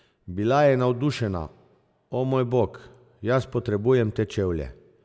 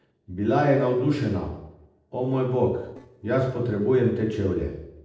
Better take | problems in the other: first | noise reduction (neural separator model SepFormer DNS4)

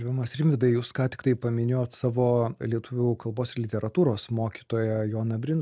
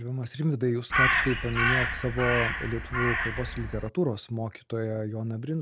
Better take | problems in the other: first | background sound (Crow); 2 dB above the speech

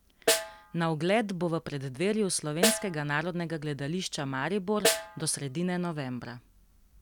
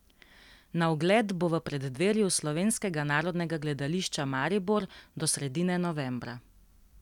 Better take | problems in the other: second | background sound (Snare drum); 3 dB below the speech

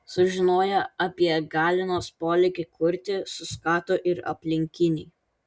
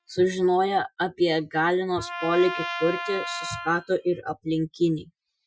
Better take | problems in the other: first | noise reduction (classical method Wiener filter)

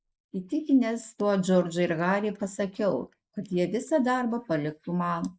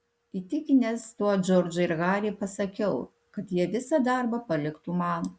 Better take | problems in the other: second | noise reduction (neural mask model Resemble Enhance denoiser)

